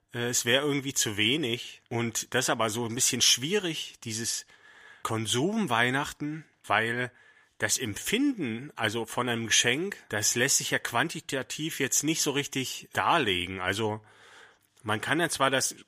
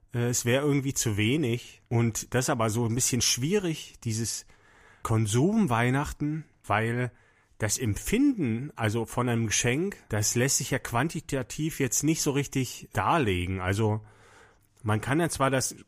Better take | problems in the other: second | thin; very slightly; fading below 700 Hz

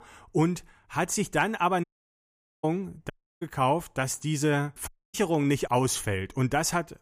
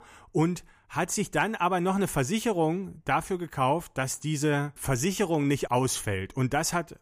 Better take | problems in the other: second | audio cutting out; at 2 s for 1 s, at 3 s and at 5 s

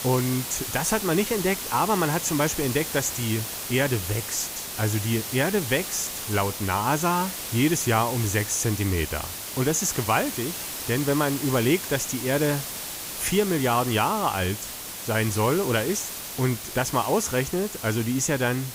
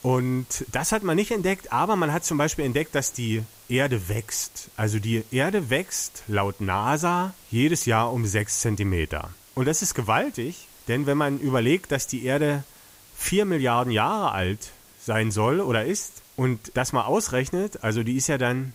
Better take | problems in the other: second | hiss; loud; throughout; 6 dB below the speech; faint in the second

